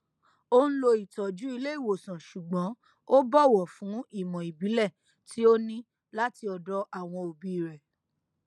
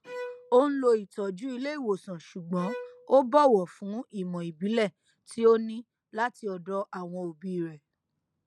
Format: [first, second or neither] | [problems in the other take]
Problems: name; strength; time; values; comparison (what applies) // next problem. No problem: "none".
first | background sound (Bowed string instrument); 17 dB below the speech